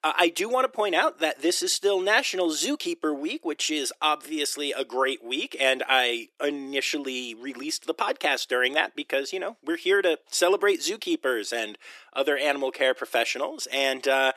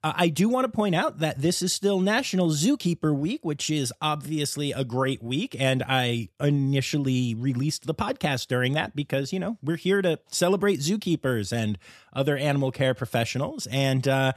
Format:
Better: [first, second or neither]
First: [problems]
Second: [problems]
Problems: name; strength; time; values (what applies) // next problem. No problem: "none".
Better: second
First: thin; very; fading below 350 Hz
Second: none